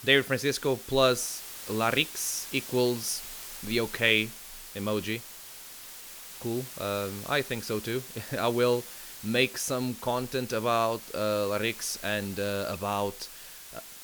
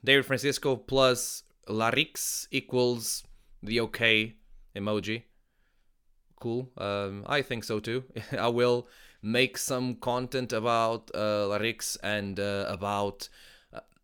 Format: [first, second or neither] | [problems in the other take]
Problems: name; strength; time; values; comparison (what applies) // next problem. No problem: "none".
second | hiss; noticeable; throughout; 10 dB below the speech